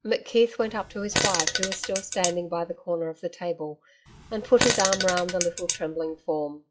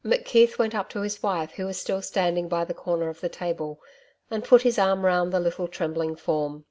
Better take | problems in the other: second | noise reduction (classical method log-MMSE)

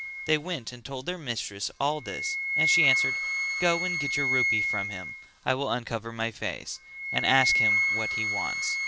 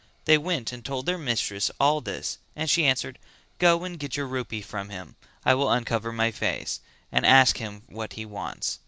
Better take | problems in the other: second | background sound (Wind instrument, woodwind instrument); 2 dB above the speech

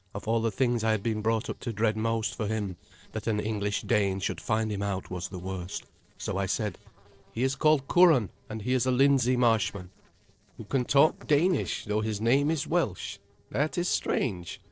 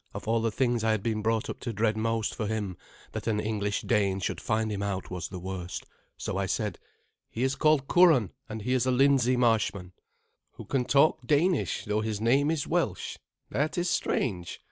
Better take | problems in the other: second | noise reduction (neural separator model SepFormer DNS4)

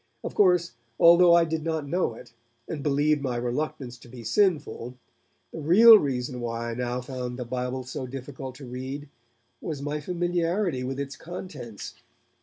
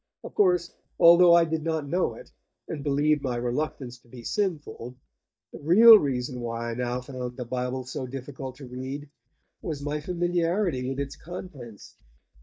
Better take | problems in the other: first | noise reduction (neural mask model DeepFilterNet 3)

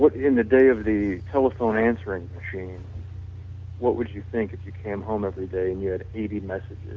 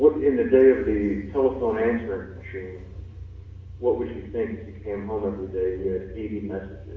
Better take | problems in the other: first | room echo; dies away in 0.7 s

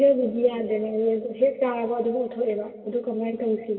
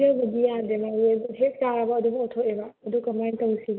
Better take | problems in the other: second | room echo; dies away in 1.6 s

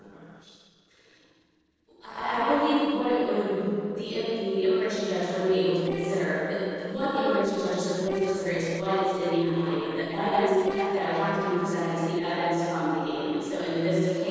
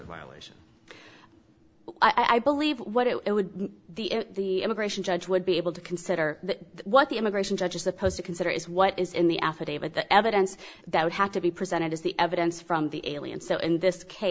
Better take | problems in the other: second | noise reduction (neural separator model SepFormer DNS4)

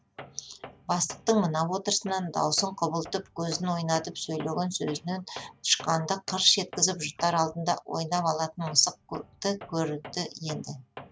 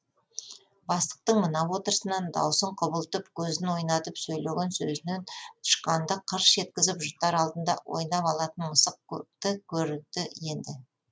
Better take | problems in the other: second | background sound (Tools); 19 dB below the speech

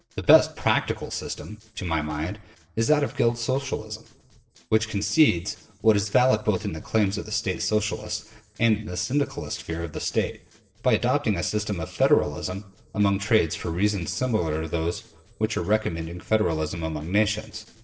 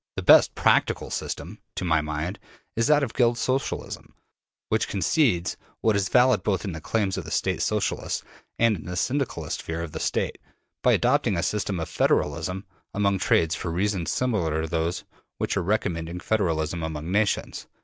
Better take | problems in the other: second | noise reduction (neural separator model SepFormer DNS4)

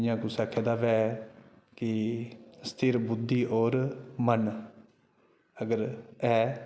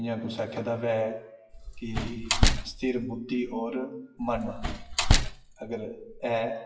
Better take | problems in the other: first | noise reduction (classical method WPE with log-MMSE)

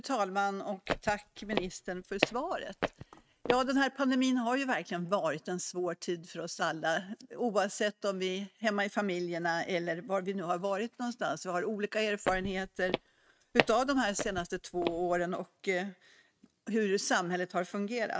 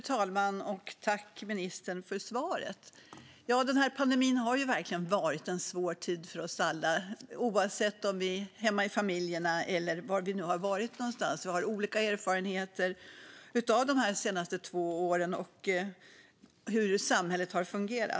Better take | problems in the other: second | noise reduction (neural mask model RNNoise)

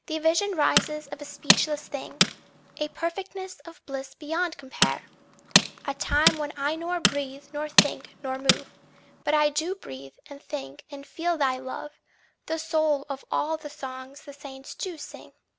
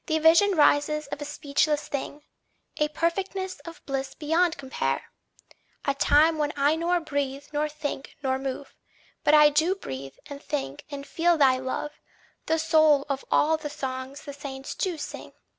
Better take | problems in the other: second | background sound (Tools); 2 dB above the speech

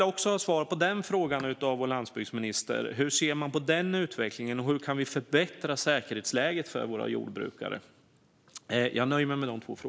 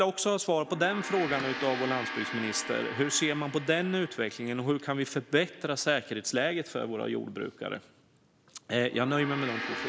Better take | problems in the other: first | background sound (Gong); 11 dB below the speech

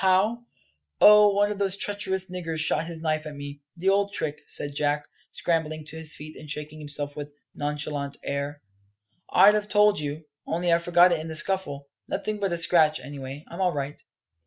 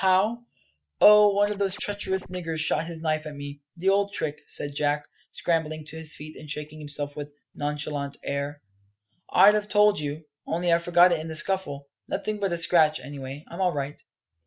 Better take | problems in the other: first | background sound (Scratching (performance technique)); 17 dB below the speech

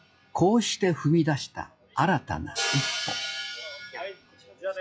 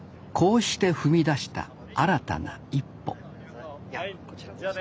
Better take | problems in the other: second | noise reduction (classical method log-MMSE)

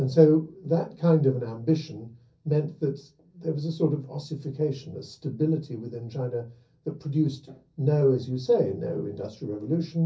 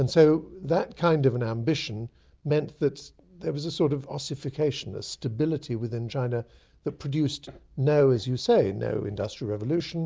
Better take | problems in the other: second | room echo; dies away in 0.3 s

